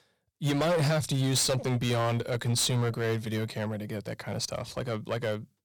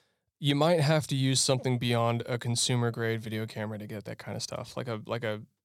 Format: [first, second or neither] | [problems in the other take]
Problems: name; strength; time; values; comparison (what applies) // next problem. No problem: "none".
second | distortion; heavy; 12% of the sound clipped